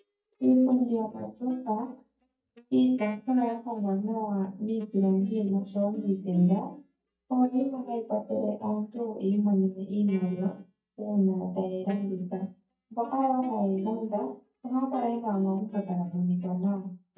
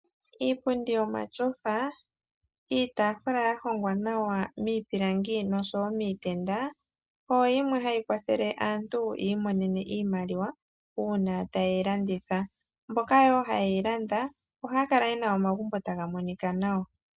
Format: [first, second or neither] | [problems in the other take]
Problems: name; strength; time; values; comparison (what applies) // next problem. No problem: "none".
second | noise reduction (neural mask model DeepFilterNet 3)